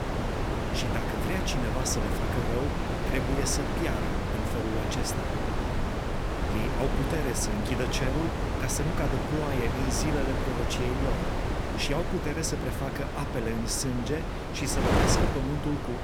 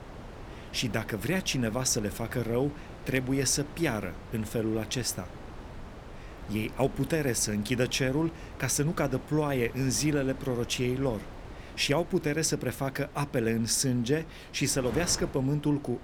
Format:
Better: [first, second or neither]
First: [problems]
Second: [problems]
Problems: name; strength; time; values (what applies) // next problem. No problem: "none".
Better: second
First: wind noise on the microphone; heavy; 1 dB above the speech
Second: wind noise on the microphone; occasional gusts; 15 dB below the speech